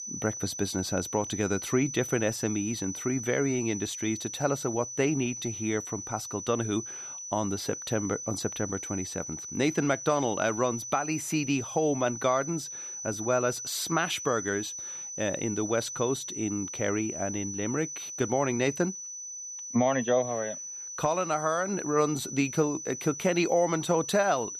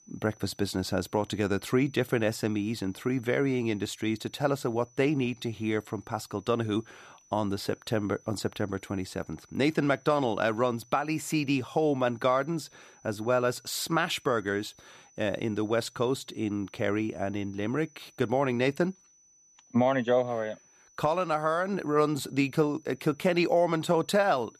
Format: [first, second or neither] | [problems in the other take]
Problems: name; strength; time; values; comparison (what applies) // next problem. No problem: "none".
second | high-pitched whine; loud; throughout; 6 kHz, 7 dB below the speech; faint in the second